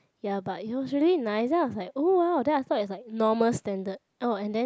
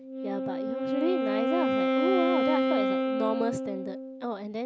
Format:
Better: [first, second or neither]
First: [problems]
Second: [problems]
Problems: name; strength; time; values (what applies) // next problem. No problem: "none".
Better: first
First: none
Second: background sound (Wind instrument, woodwind instrument); 4 dB above the speech